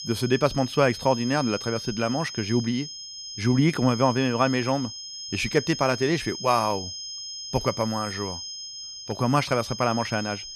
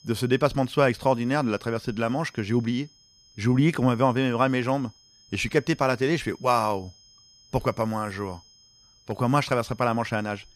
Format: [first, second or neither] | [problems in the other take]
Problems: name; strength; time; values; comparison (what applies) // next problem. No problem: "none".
second | high-pitched whine; loud; throughout; 5 kHz, 9 dB below the speech; faint in the second